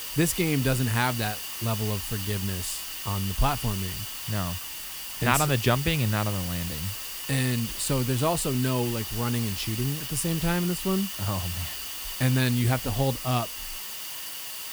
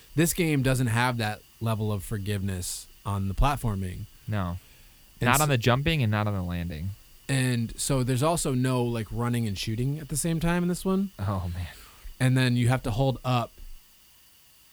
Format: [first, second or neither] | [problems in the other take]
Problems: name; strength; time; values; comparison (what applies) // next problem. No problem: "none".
second | hiss; loud; throughout; 5 dB below the speech; faint in the second